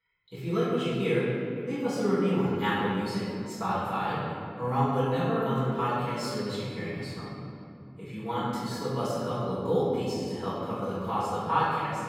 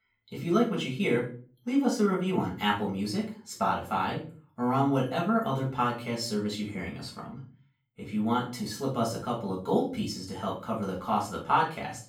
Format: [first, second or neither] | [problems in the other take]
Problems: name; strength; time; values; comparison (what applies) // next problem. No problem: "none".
second | room echo; strong; dies away in 2.7 s; slight in the second // off-mic speech; far; far in the second